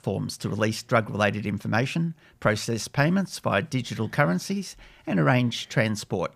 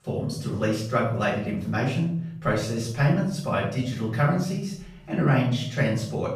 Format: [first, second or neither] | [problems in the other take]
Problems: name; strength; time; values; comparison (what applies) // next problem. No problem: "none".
first | off-mic speech; far // room echo; noticeable; dies away in 0.7 s